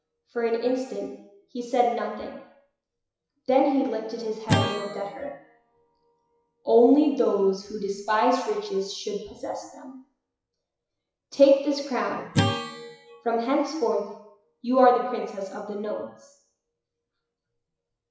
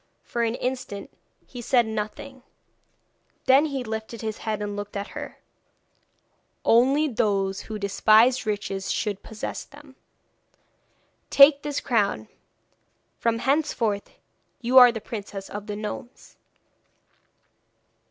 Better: second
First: noise reduction (classical method WPE with log-MMSE)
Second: none

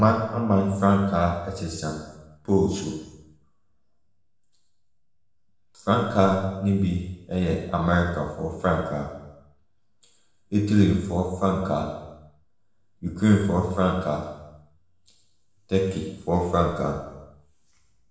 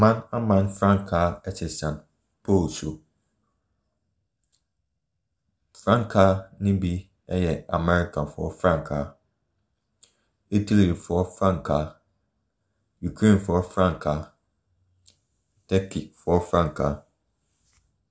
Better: second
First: room echo; dies away in 0.9 s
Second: none

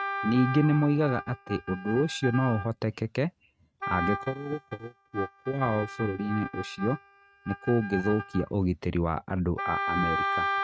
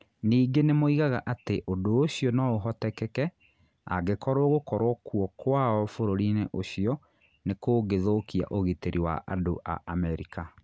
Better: second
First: noise reduction (neural mask model RNNoise)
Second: none

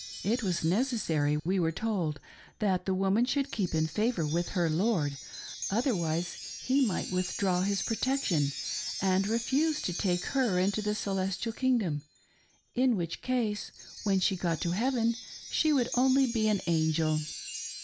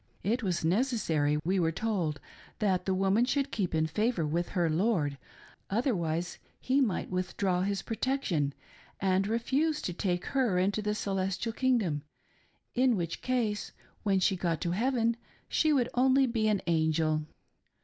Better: second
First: background sound (Wind chime); 12 dB below the speech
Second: none

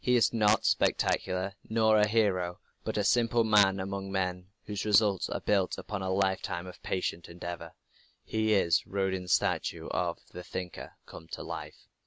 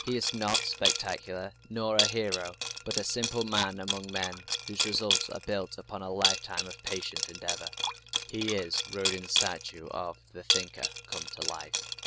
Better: first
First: none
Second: background sound (Liquid); 1 dB above the speech

